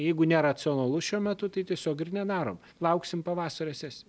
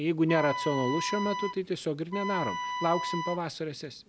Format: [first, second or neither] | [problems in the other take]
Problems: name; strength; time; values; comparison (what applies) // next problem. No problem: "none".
first | background sound (Wind instrument, woodwind instrument); 5 dB below the speech